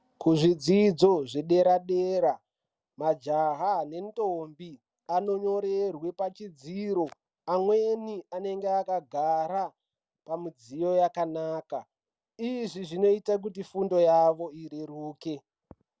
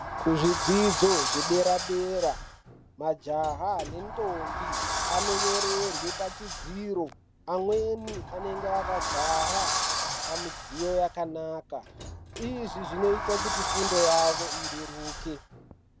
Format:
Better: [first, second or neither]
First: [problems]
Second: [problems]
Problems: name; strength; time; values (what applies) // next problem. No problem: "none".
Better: first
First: none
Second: background sound (Sliding door); 3 dB below the speech